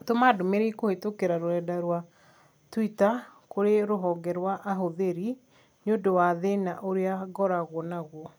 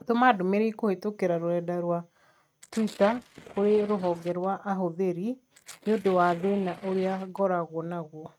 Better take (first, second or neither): first